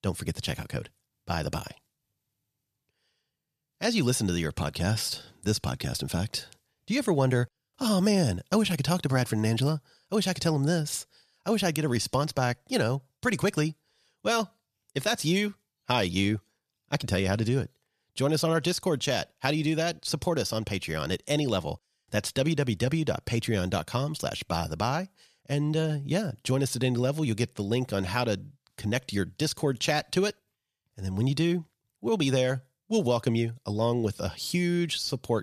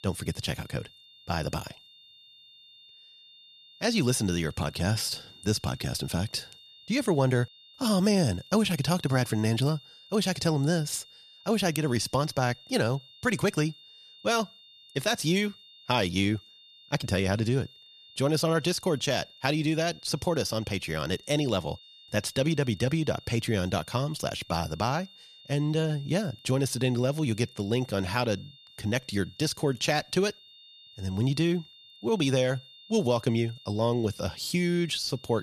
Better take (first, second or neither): first